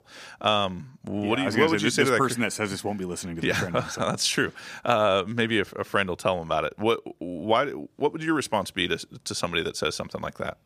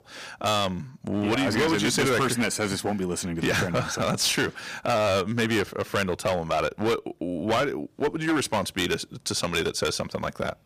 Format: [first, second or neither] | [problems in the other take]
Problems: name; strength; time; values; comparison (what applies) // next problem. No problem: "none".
first | distortion; heavy; 13% of the sound clipped